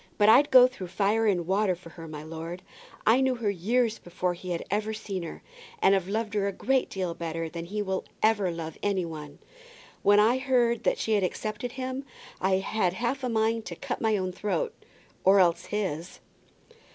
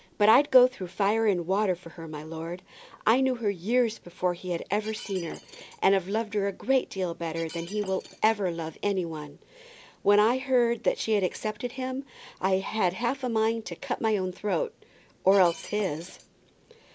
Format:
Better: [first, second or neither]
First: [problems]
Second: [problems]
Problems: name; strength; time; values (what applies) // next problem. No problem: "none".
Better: first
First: none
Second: background sound (Shatter); 19 dB below the speech